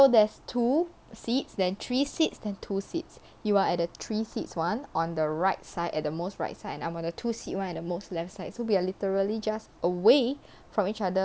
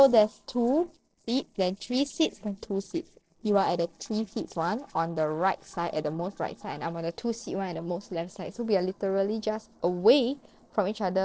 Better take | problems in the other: first | noise reduction (neural separator model SepFormer DNS4)

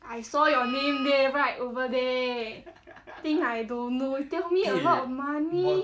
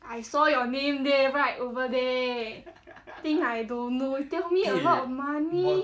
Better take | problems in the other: second | background sound (Wind instrument, woodwind instrument); 10 dB below the speech

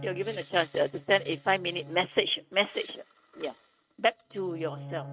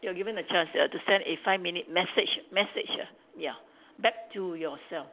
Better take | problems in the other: second | noise reduction (neural mask model RNNoise)

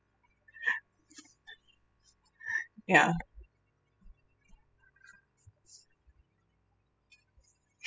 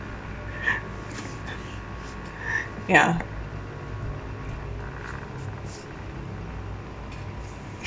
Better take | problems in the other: second | noise reduction (classical method spectral subtraction)

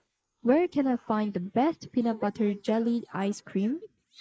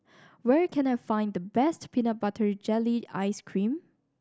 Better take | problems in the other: second | noise reduction (neural mask model Resemble Enhance denoiser)

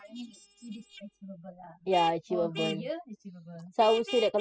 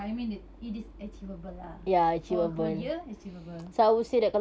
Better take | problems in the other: second | noise reduction (classical method spectral subtraction)

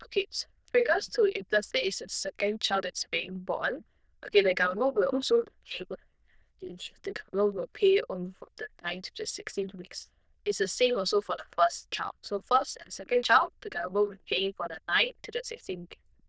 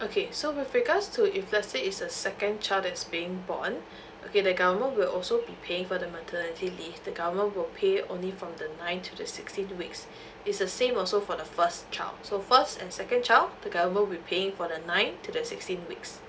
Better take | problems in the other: second | noise reduction (neural diffusion model UNIVERSE++)

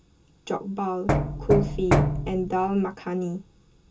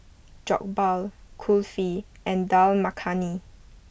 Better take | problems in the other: second | background sound (Knock); 3 dB above the speech // room echo; dies away in 0.2 s

